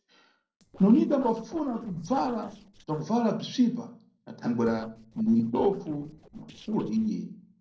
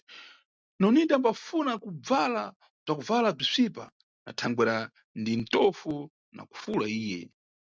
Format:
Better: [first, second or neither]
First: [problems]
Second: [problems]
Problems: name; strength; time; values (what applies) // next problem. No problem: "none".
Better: second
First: noise reduction (neural separator model SepFormer DNS4)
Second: none